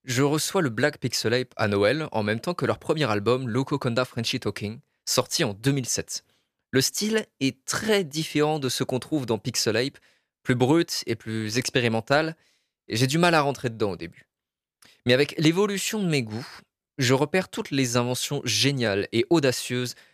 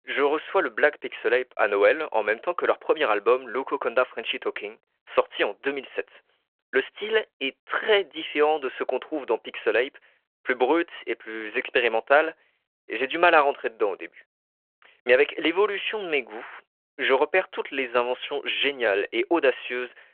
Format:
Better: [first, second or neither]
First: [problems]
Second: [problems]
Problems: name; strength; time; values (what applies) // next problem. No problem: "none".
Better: first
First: none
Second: phone-call audio